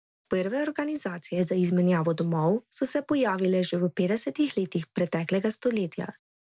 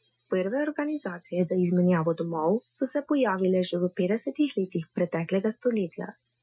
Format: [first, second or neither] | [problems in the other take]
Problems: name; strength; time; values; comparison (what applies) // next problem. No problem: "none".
first | noise reduction (classical method Wiener filter)